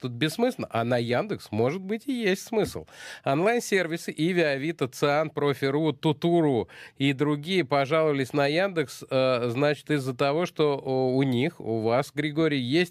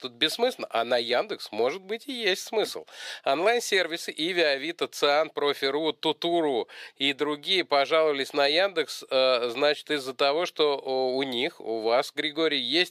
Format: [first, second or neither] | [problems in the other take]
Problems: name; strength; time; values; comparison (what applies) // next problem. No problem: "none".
first | thin; somewhat; fading below 500 Hz